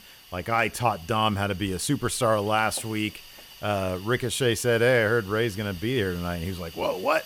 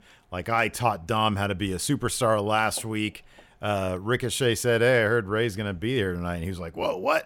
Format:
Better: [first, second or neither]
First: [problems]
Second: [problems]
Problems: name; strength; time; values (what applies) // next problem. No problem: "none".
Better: second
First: hiss; noticeable; throughout; 20 dB below the speech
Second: none